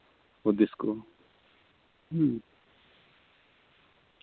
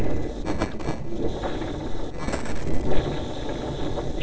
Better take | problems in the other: first | noise reduction (neural separator model SepFormer DNS4)

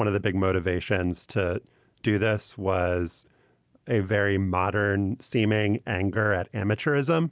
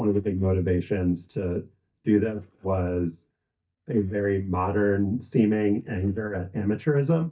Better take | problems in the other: first | noise reduction (neural mask model DeepFilterNet 3)

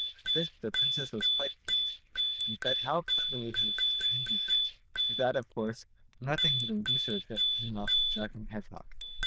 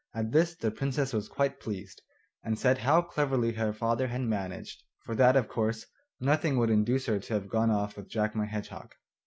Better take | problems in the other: second | noise reduction (neural diffusion model UNIVERSE++)

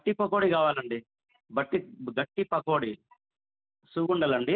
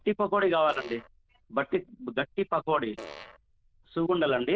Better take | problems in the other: first | noise reduction (neural diffusion model UNIVERSE++)

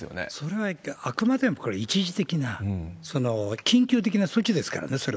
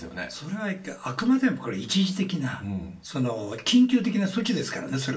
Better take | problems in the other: first | room echo; dies away in 0.3 s

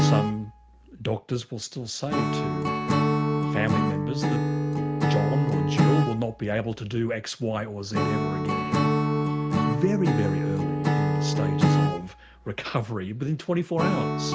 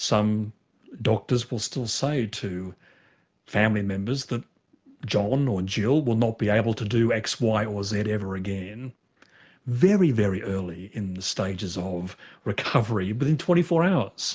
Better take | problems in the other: second | background sound (Acoustic guitar / Strum); 4 dB above the speech

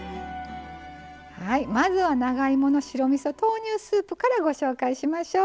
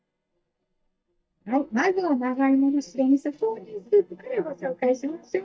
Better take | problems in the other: first | noise reduction (neural mask model DeepFilterNet 3)

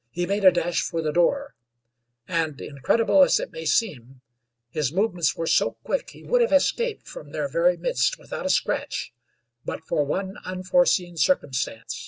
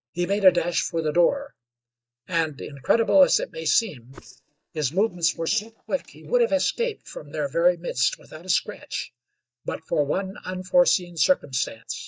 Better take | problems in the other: first | noise reduction (neural mask model DeepFilterNet 3)

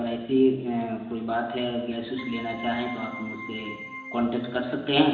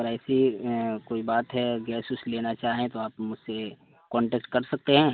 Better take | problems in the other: second | background sound (Keyboard (musical)); 13 dB below the speech // room echo; dies away in 1 s

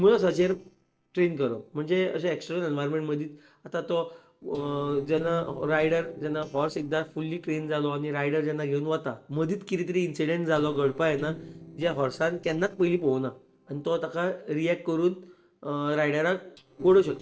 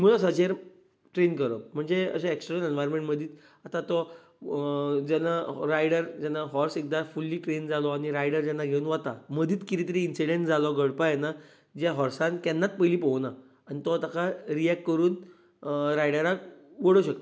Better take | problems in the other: second | noise reduction (neural separator model SepFormer DNS4)

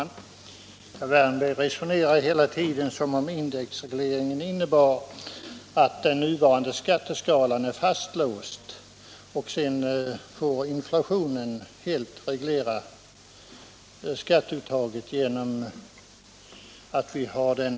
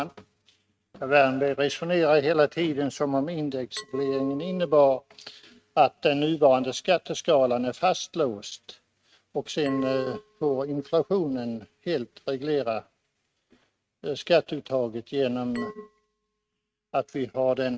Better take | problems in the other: first | noise reduction (neural mask model RNNoise)

